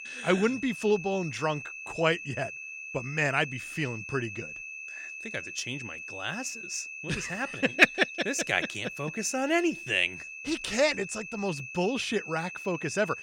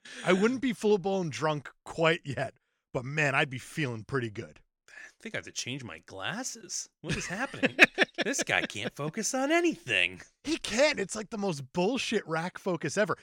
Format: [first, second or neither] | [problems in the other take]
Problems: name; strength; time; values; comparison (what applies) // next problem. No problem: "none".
second | high-pitched whine; loud; throughout; 2.5 kHz, 9 dB below the speech